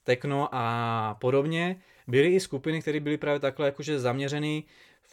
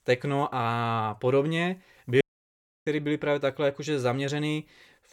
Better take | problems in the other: first | audio cutting out; at 2 s for 0.5 s

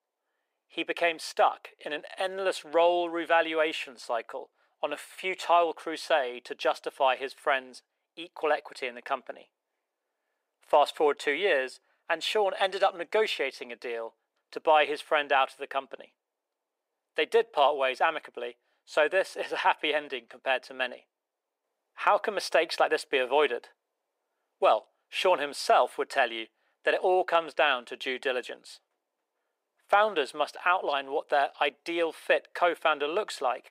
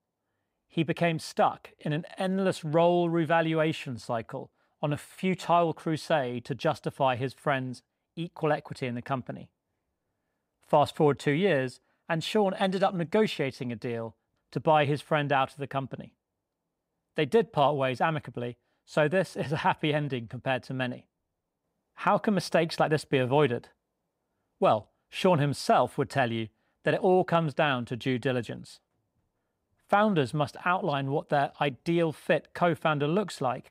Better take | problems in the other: second | thin; very; fading below 400 Hz

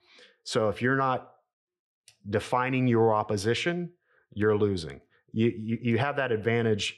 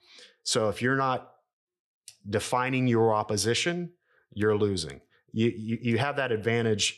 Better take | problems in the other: second | muffled; slightly; fading above 4 kHz

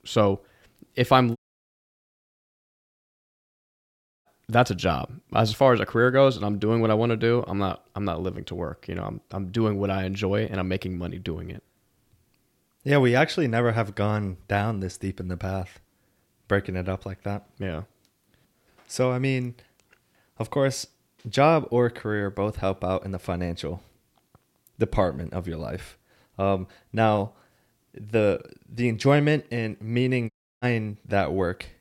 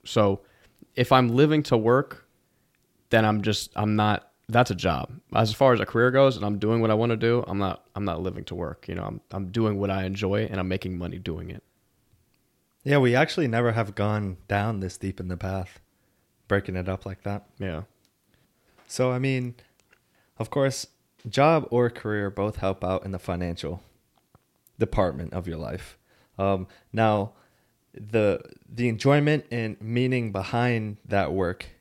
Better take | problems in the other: second | audio cutting out; at 1.5 s for 3 s and at 30 s

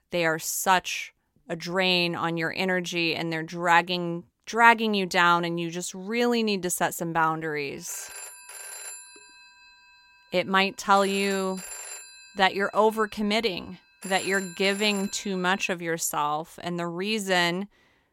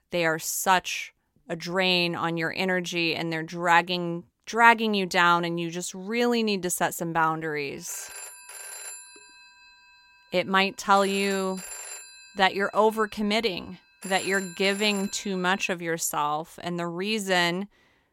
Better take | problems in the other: neither | phone ringing; faint; from 8 to 16 s; peak 10 dB below the speech; the same in both

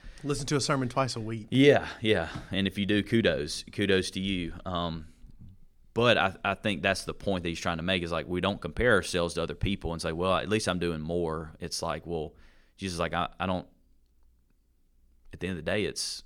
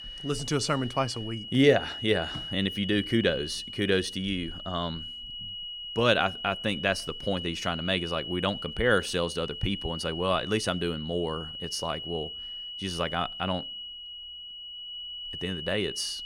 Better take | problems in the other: first | high-pitched whine; loud; throughout; 3 kHz, 8 dB below the speech

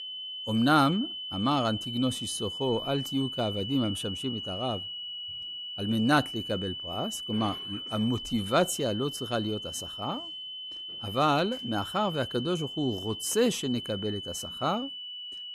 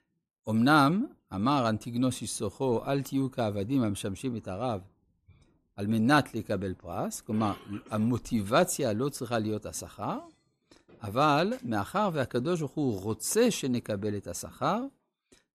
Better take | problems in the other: second | high-pitched whine; loud; throughout; 3 kHz, 6 dB below the speech

